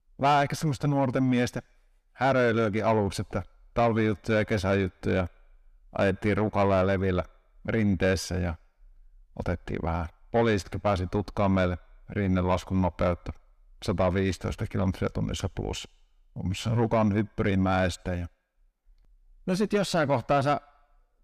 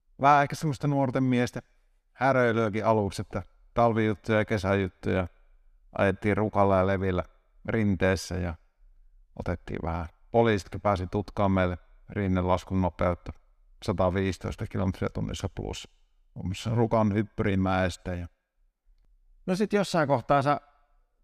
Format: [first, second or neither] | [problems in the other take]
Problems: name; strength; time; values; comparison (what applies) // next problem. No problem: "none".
second | distortion; slight; 10 dB below the speech